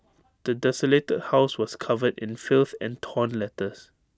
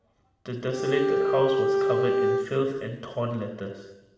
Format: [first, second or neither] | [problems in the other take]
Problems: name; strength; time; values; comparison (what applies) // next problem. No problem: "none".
first | background sound (Bowed string instrument); 5 dB above the speech // room echo; dies away in 1 s